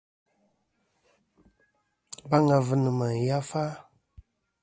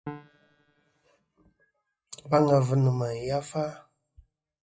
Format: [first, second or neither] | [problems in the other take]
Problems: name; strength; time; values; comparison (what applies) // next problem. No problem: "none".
first | noise reduction (classical method WPE with log-MMSE)